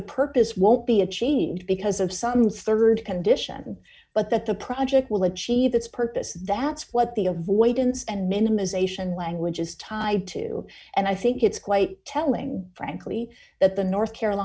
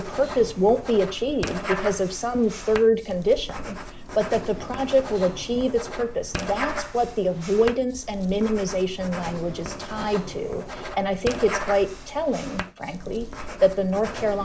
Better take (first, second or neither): first